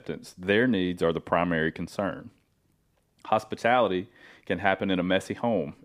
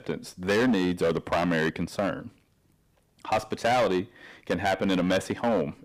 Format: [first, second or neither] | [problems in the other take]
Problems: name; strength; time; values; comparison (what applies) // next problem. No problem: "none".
first | distortion; heavy; 9% of the sound clipped